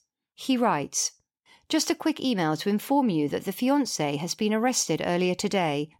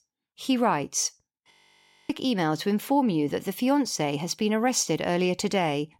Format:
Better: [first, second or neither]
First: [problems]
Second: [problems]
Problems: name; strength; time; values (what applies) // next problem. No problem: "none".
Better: first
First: none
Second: audio freezing; at 1.5 s for 0.5 s